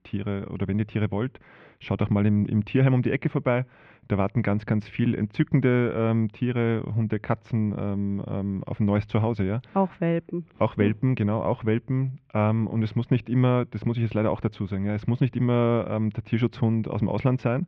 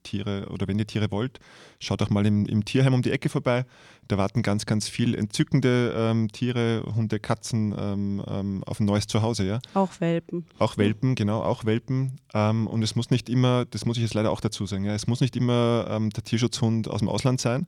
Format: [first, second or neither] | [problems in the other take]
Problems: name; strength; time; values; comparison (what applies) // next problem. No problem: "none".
second | muffled; very; fading above 2.5 kHz